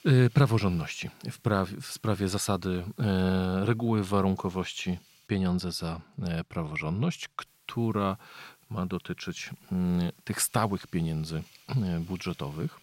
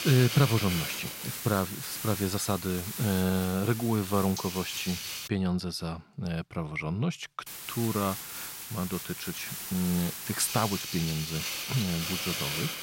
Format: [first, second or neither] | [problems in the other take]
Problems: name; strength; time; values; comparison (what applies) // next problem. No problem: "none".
first | hiss; loud; until 5.5 s and from 7.5 s on; 4 dB below the speech; faint in the first